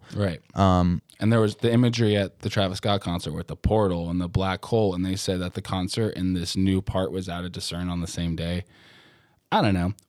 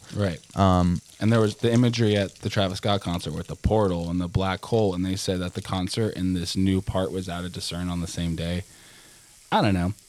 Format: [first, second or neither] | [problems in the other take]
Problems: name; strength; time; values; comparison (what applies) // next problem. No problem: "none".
first | household noises; faint; throughout; 20 dB below the speech